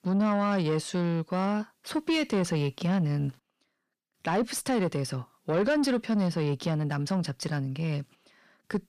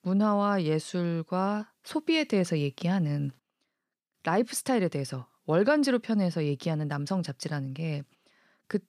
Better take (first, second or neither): second